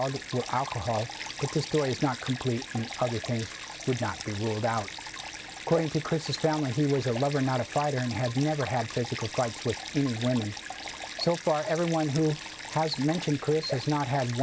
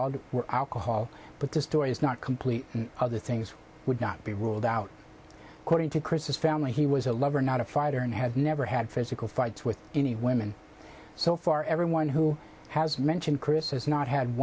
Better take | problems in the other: second | background sound (Stream); 11 dB below the speech

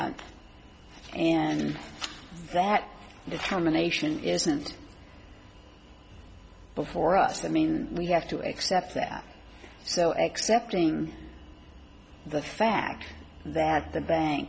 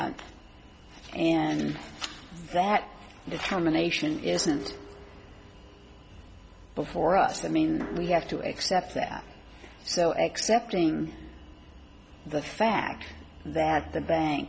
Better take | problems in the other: first | background sound (Dishes, pots, and pans); 18 dB below the speech

